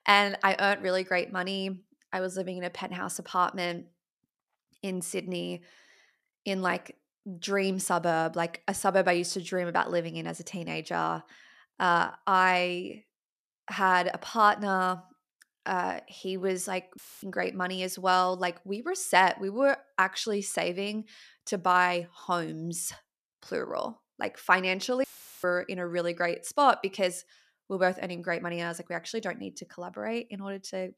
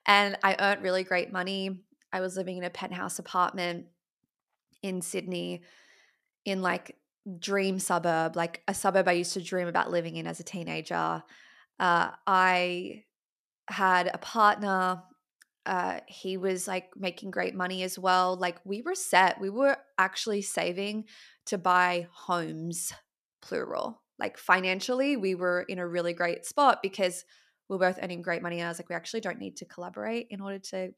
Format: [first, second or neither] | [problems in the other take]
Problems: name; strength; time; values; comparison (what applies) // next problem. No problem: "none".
second | audio cutting out; filled with static; at 17 s and at 25 s